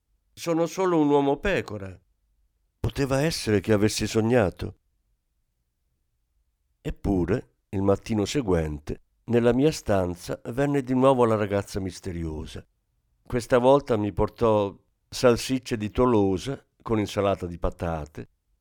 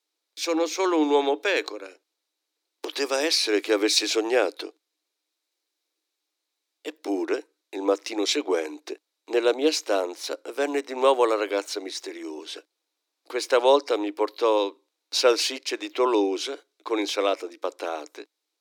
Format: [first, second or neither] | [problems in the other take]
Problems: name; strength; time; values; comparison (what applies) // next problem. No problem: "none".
first | thin; somewhat; fading below 300 Hz